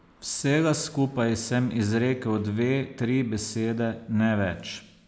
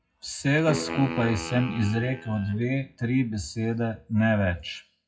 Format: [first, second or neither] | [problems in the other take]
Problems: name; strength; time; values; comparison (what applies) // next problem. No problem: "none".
first | noise reduction (classical method WPE with log-MMSE)